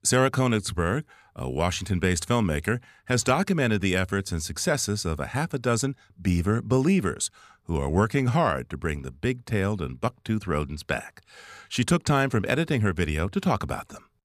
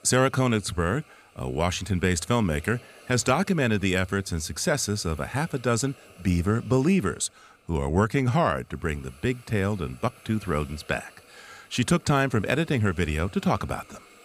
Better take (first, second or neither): first